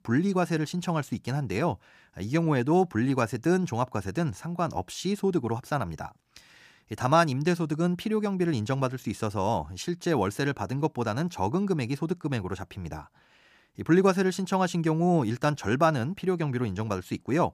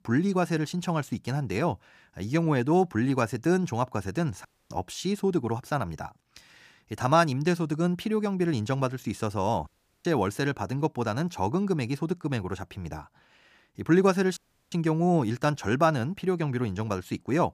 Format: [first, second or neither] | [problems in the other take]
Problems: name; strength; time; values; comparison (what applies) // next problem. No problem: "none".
first | audio cutting out; at 4.5 s, at 9.5 s and at 14 s